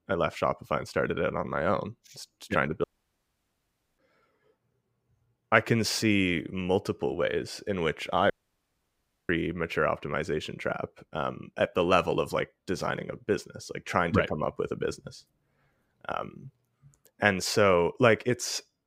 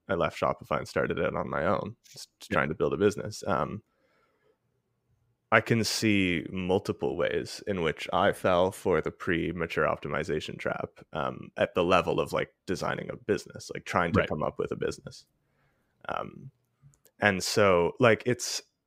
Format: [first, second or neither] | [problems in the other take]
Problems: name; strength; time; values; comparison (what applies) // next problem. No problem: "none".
second | audio cutting out; at 3 s for 1 s and at 8.5 s for 1 s